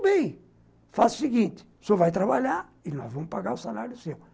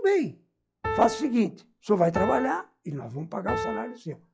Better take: first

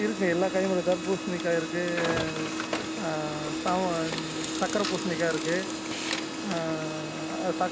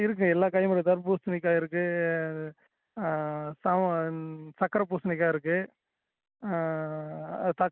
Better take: second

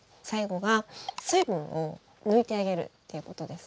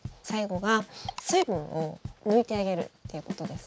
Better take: first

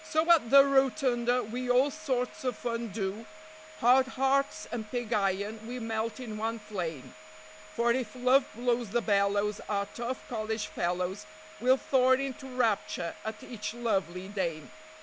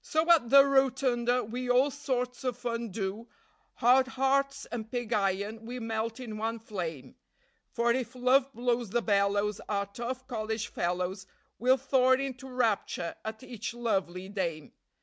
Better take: second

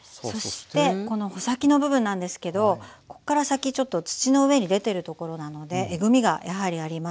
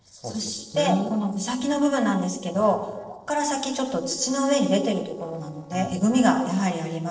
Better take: first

